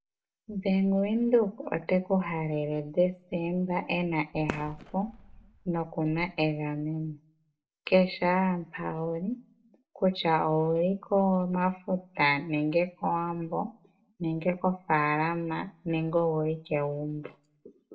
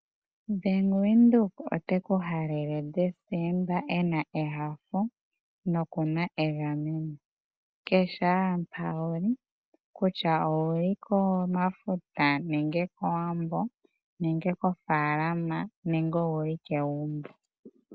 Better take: second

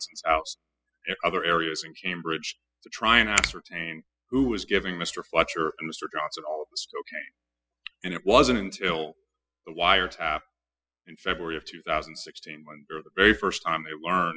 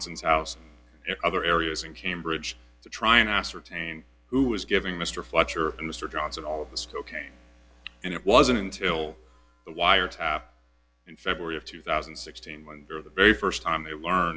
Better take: second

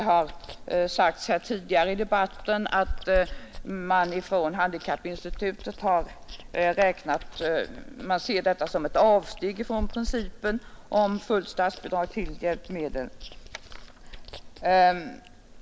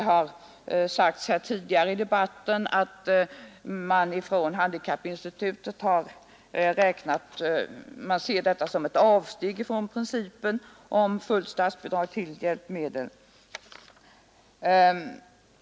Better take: second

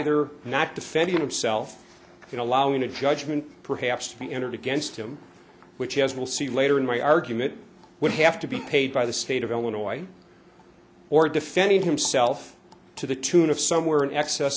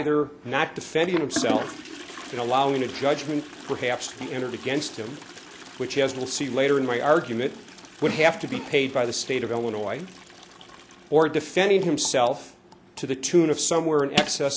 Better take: first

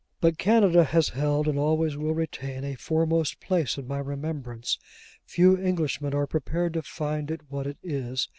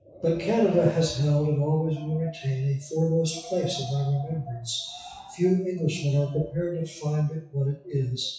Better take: first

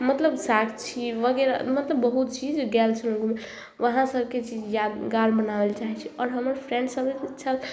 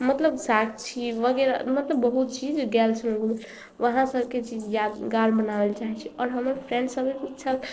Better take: first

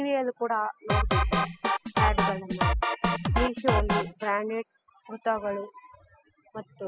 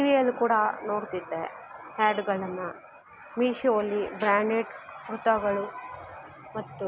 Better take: second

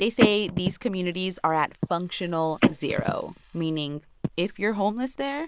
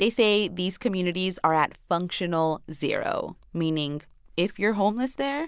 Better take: second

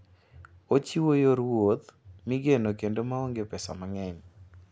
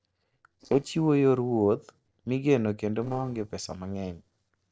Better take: first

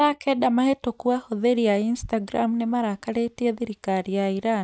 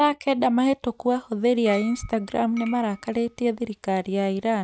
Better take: first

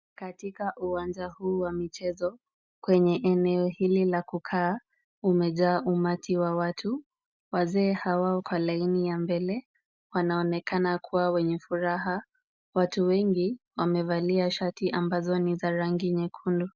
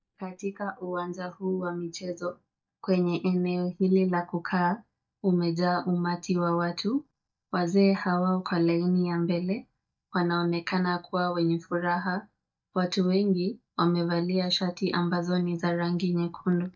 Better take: first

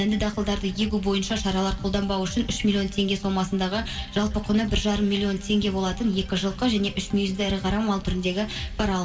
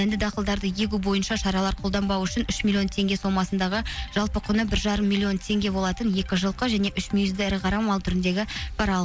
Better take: second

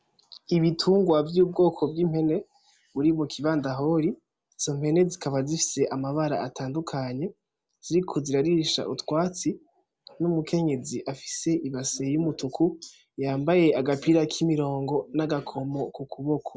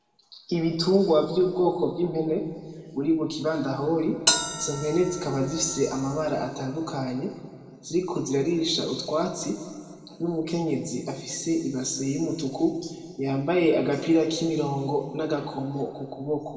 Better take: first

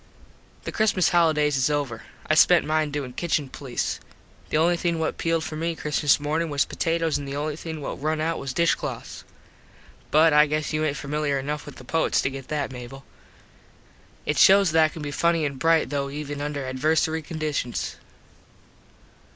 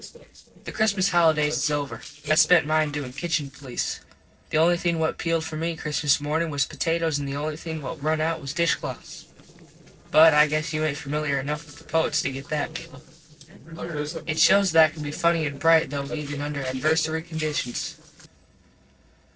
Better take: first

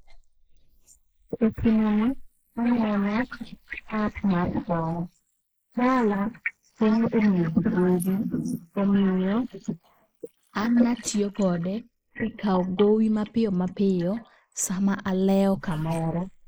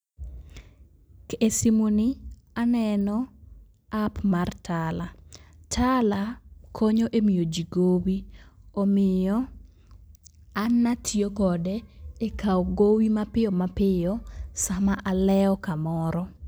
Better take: second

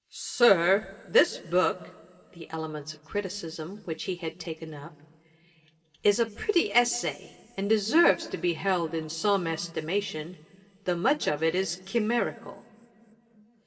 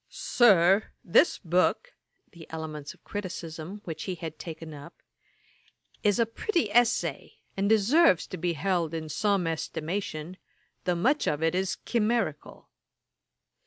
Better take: second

